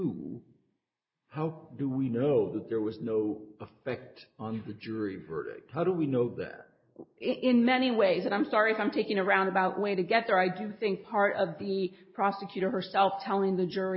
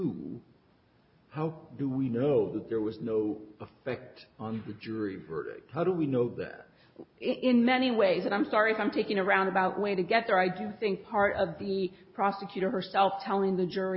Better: second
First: noise reduction (neural mask model Resemble Enhance denoiser)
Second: none

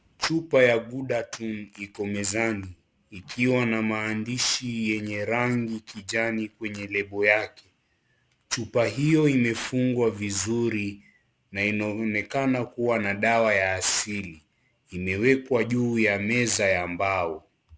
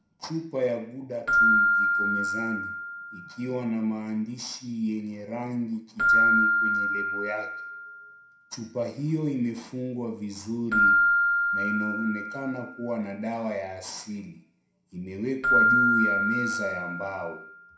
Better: first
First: none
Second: background sound (Keyboard (musical)); 5 dB above the speech // room echo; dies away in 0.5 s

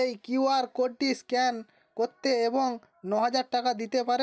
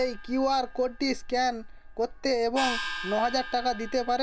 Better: first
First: none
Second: background sound (Gong); 9 dB below the speech

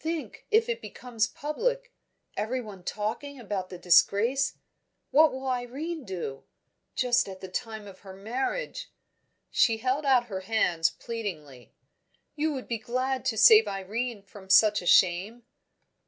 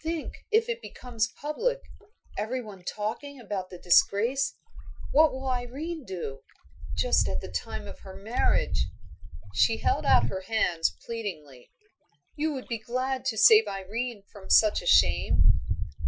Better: first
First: none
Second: noise reduction (classical method Wiener filter)

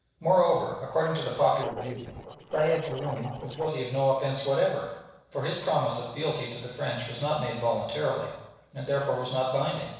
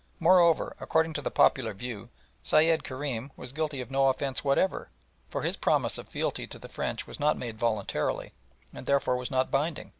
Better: second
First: noise reduction (neural separator model SepFormer DNS4)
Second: none

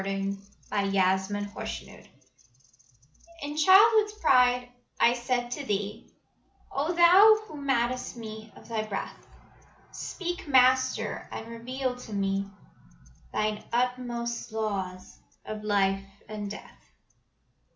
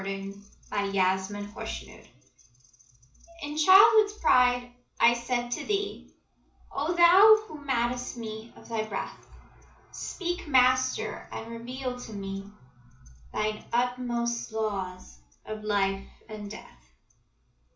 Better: first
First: none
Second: room echo; dies away in 0.2 s

